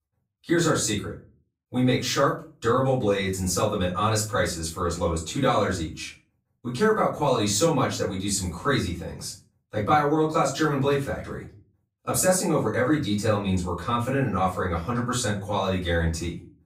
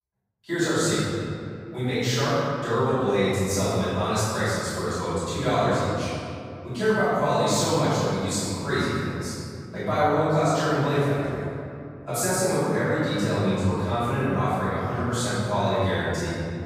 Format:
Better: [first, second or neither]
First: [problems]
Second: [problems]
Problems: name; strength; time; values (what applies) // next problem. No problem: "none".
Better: first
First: room echo; slight; dies away in 0.3 s // off-mic speech; far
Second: room echo; strong; dies away in 2.5 s // off-mic speech; far